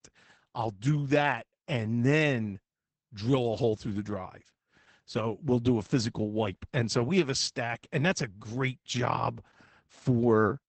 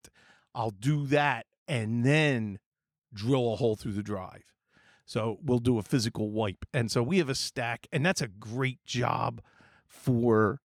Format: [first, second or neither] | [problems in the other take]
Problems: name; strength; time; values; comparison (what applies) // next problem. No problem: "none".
second | garbled, watery; badly; nothing above 8 kHz